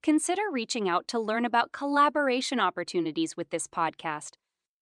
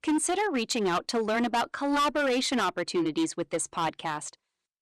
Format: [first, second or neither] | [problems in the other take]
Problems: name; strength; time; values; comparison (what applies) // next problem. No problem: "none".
first | distortion; heavy; 13% of the sound clipped